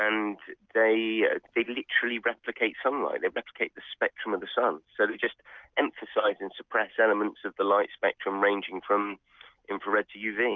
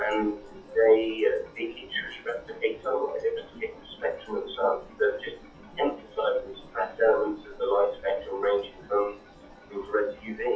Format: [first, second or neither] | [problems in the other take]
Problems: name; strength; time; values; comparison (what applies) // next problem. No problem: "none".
first | noise reduction (classical method WPE with log-MMSE)